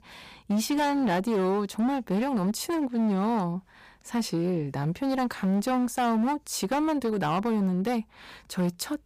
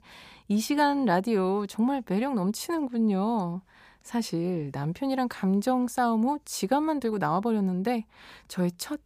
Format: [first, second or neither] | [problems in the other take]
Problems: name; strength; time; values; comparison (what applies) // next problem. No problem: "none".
second | distortion; slight; 15% of the sound clipped